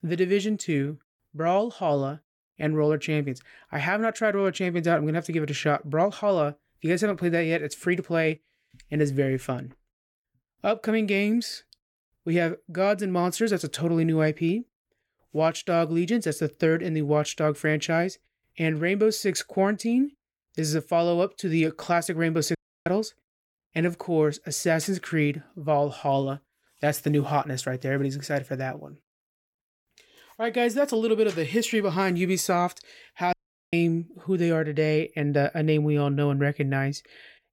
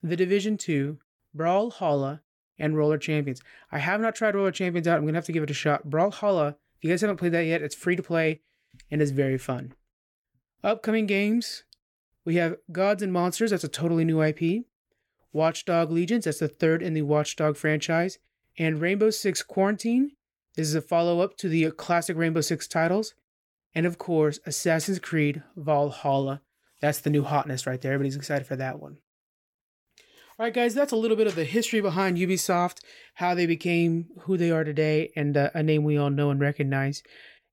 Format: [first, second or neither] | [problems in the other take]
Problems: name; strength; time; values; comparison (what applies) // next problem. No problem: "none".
second | audio cutting out; at 23 s and at 33 s